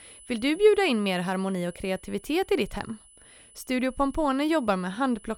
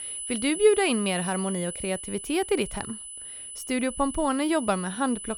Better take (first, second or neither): first